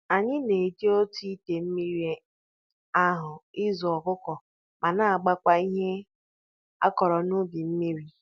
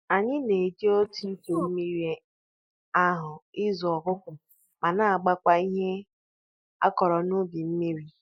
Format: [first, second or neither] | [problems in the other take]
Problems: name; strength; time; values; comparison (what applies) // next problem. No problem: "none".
first | noise reduction (neural mask model Resemble Enhance denoiser)